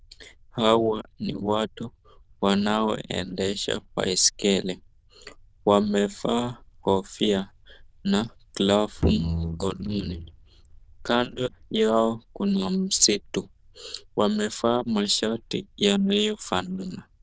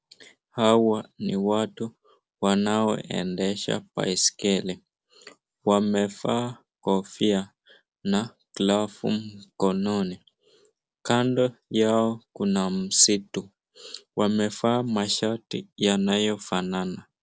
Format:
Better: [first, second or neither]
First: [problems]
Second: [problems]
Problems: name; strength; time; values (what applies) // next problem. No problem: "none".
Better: second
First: noise reduction (neural diffusion model UNIVERSE++)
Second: none